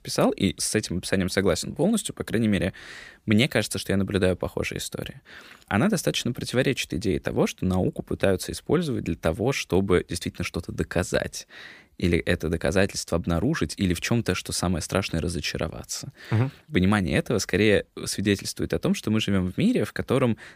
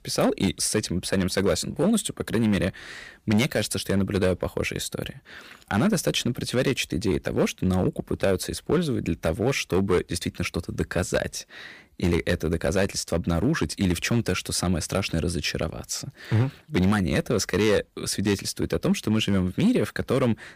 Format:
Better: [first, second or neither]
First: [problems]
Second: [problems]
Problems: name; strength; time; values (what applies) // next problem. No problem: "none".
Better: first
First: none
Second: distortion; slight; 3% of the sound clipped